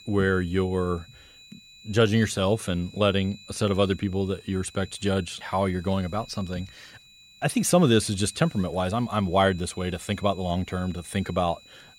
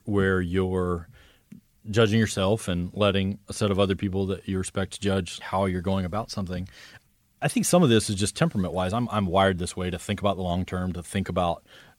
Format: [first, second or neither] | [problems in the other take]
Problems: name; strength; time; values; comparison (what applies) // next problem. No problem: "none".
second | high-pitched whine; faint; throughout; 4 kHz, 20 dB below the speech